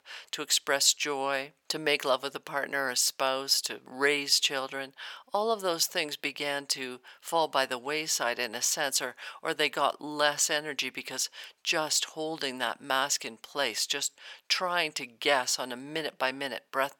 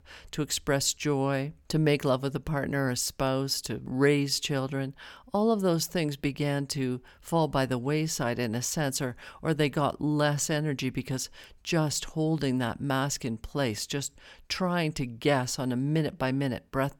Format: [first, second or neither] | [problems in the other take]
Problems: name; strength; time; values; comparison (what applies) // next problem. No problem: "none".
second | thin; very; fading below 650 Hz